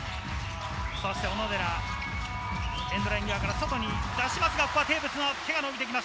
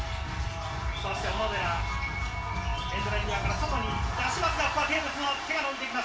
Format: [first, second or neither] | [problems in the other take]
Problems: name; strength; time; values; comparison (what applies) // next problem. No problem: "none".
first | room echo; dies away in 0.3 s